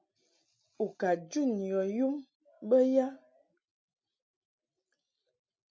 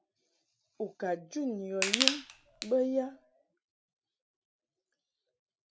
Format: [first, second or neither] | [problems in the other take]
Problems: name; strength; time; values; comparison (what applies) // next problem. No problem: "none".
first | background sound (Crushing); 3 dB above the speech